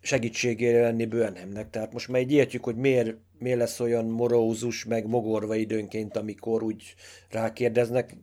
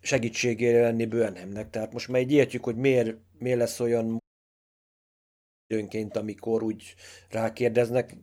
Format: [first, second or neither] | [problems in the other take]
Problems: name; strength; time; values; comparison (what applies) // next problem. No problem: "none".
first | audio cutting out; at 4 s for 1.5 s